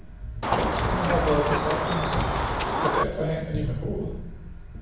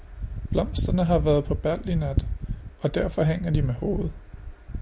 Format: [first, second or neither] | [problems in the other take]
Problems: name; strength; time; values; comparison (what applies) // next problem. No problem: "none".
second | background sound (Chicken, rooster); 1 dB above the speech // room echo; dies away in 0.9 s